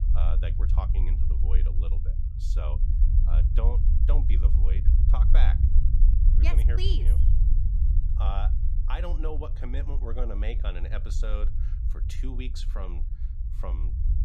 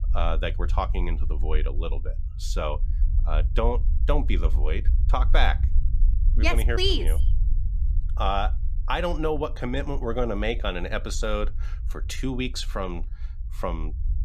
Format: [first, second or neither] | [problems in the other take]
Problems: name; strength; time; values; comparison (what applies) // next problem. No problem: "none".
second | low rumble; loud; throughout; 6 dB below the speech; faint in the second